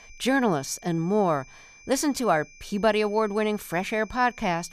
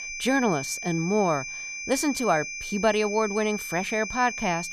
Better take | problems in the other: first | high-pitched whine; loud; throughout; 2.5 kHz, 7 dB below the speech; faint in the first

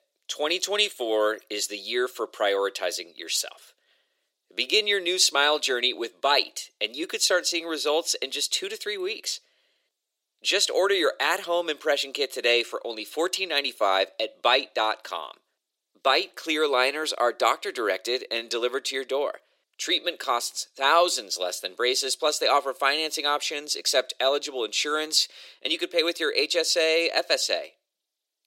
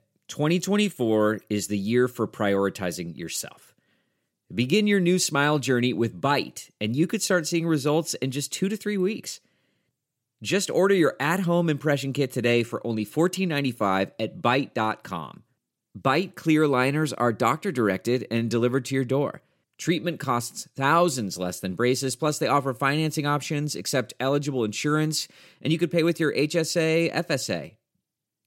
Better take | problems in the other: second | thin; very; fading below 400 Hz

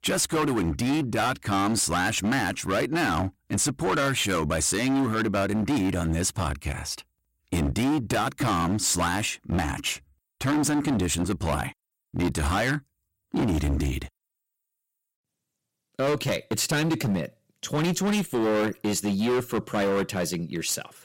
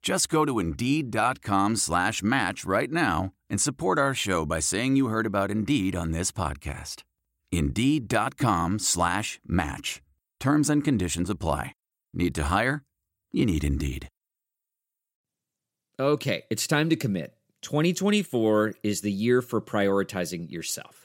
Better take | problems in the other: second | distortion; heavy; 18% of the sound clipped

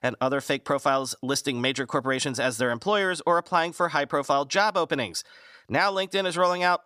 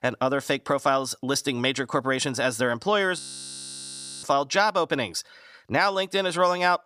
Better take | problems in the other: first | audio freezing; at 3 s for 1 s

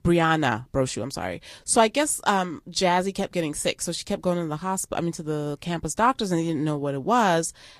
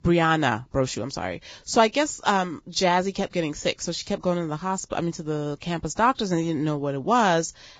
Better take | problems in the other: first | garbled, watery; badly; nothing above 7.5 kHz; slightly in the first

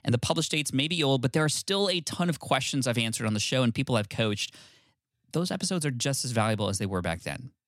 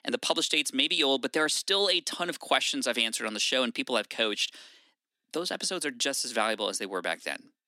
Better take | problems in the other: first | thin; somewhat; fading below 250 Hz

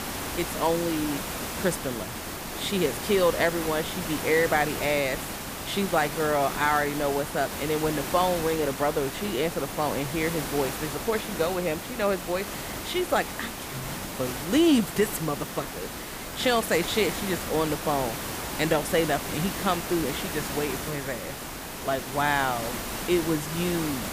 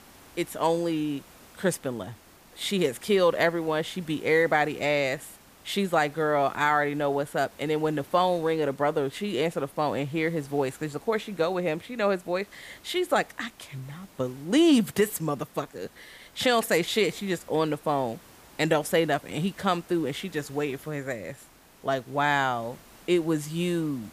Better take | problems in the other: second | hiss; loud; throughout; 6 dB below the speech; faint in the second

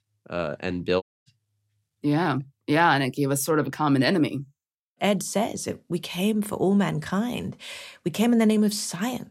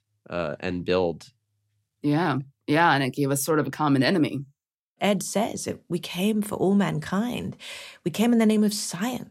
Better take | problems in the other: second | audio cutting out; at 1 s

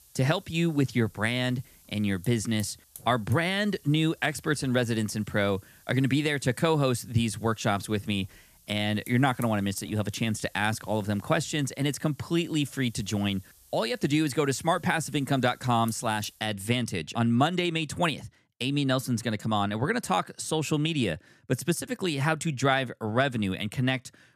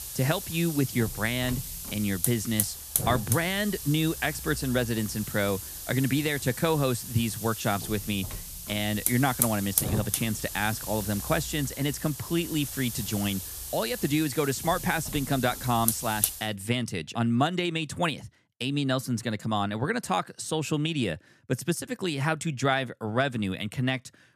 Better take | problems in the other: first | hiss; loud; until 16 s; 4 dB below the speech; faint in the first

